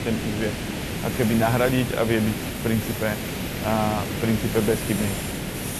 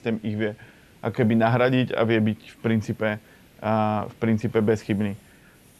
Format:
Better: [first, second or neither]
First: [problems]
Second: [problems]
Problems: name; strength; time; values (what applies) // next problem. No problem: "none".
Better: second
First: hiss; loud; throughout; 4 dB below the speech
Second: hiss; faint; throughout; 30 dB below the speech